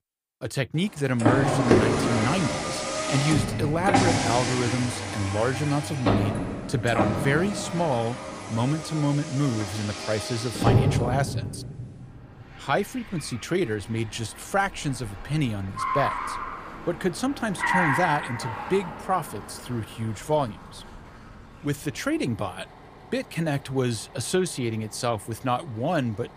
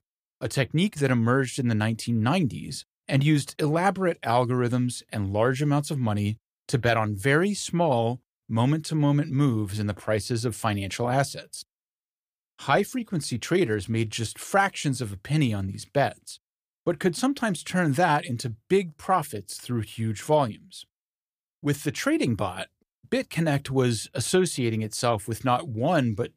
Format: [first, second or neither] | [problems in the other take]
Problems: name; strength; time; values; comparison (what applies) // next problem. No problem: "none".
second | traffic noise; very loud; throughout; 1 dB above the speech